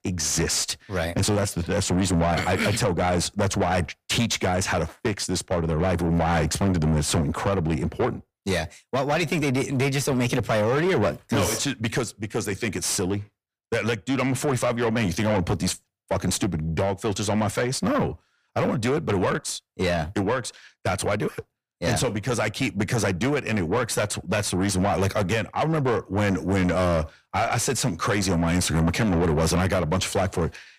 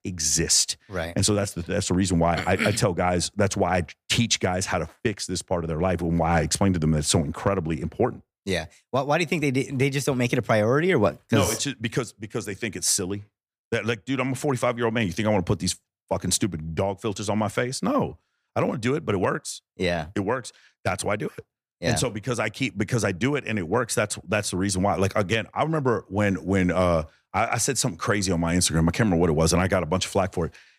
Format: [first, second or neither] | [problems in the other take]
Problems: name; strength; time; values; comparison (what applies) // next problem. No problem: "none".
second | distortion; heavy; 8 dB below the speech